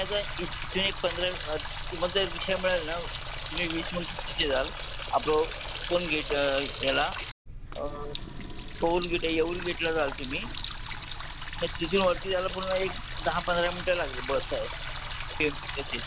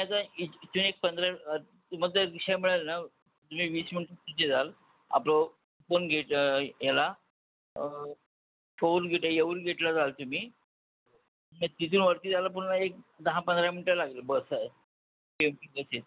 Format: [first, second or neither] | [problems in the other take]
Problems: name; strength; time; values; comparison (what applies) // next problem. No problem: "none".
second | background sound (Water tap, faucet); 5 dB below the speech